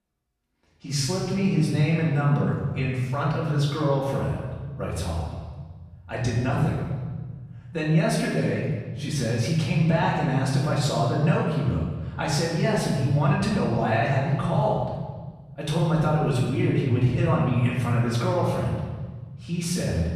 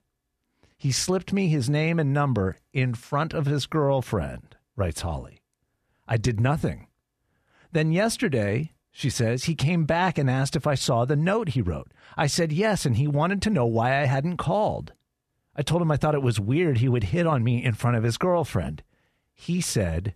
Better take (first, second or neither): second